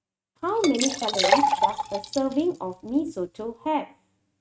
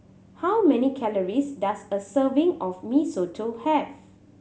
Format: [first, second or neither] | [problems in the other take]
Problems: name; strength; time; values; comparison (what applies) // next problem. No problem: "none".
second | noise reduction (neural mask model RNNoise)